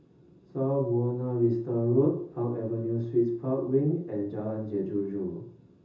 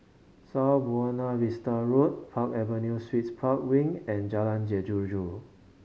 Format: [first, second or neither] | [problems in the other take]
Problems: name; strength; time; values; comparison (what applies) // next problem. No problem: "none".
second | room echo; dies away in 0.6 s